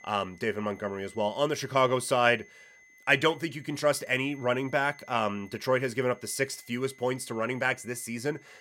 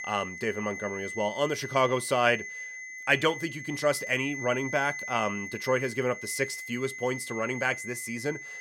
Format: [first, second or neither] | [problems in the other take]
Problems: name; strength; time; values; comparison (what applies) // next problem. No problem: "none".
first | high-pitched whine; loud; throughout; 2 kHz, 8 dB below the speech; faint in the first